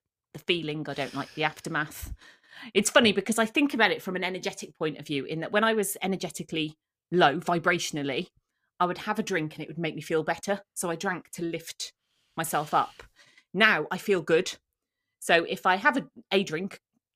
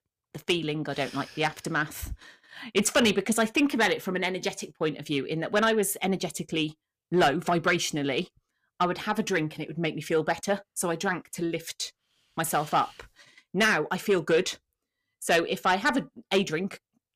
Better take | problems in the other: first | distortion; slight; 10 dB below the speech

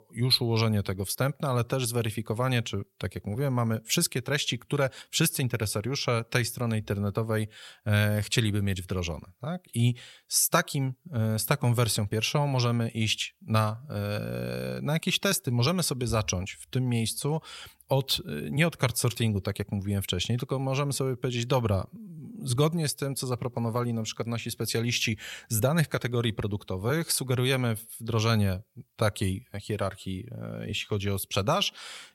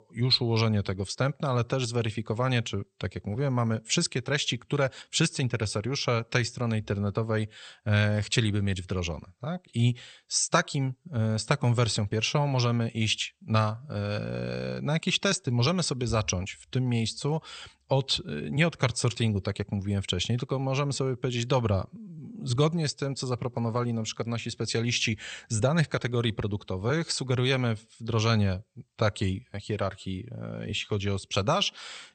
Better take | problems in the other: first | garbled, watery; slightly; nothing above 8.5 kHz

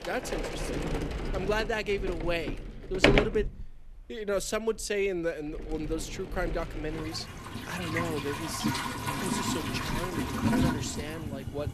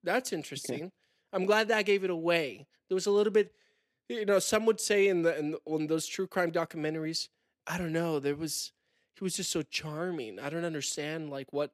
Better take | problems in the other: second | household noises; very loud; throughout; 1 dB above the speech

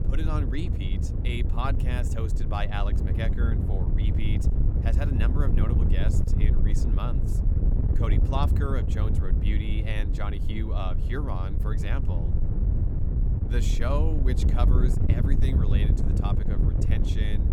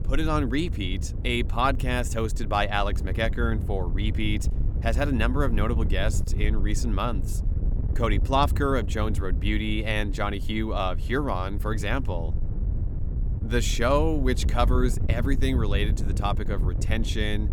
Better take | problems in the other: second | wind noise on the microphone; heavy; 3 dB below the speech; occasional gusts in the second

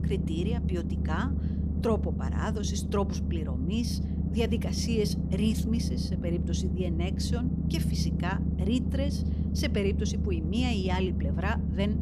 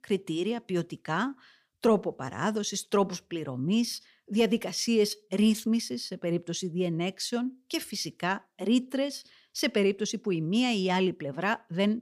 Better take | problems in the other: second | low rumble; loud; throughout; 5 dB below the speech

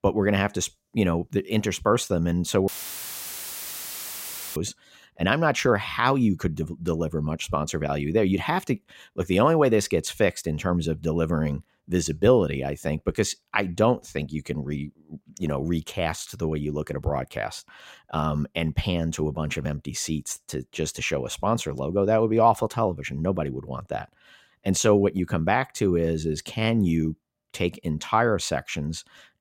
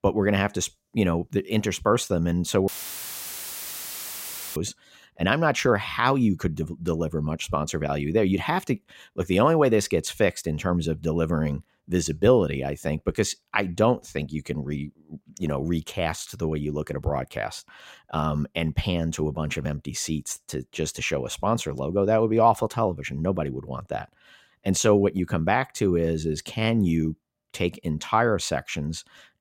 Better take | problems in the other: neither | audio cutting out; filled with static; at 2.5 s for 2 s; the same in both

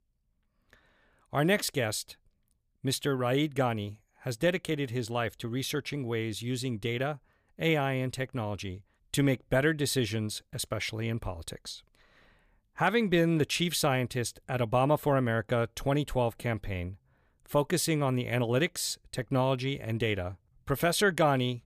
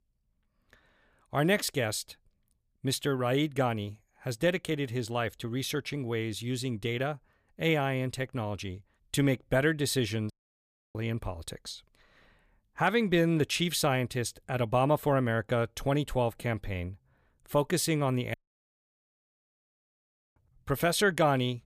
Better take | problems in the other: first | audio cutting out; at 10 s for 0.5 s and at 18 s for 2 s

